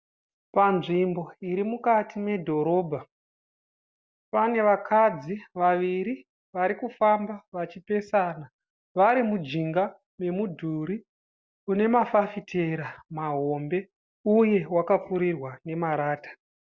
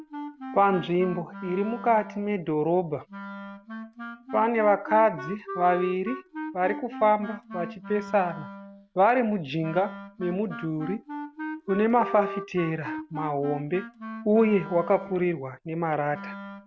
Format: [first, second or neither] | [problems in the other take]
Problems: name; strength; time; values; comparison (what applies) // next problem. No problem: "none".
first | background sound (Wind instrument, woodwind instrument); 12 dB below the speech